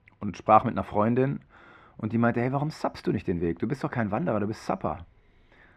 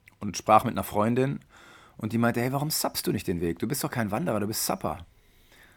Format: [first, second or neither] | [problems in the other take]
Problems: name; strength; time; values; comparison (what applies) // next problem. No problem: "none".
second | muffled; very; fading above 2 kHz